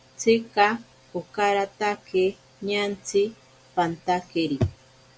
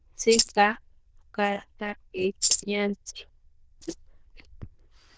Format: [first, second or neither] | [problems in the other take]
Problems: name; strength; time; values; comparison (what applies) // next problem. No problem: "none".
first | noise reduction (neural diffusion model UNIVERSE++)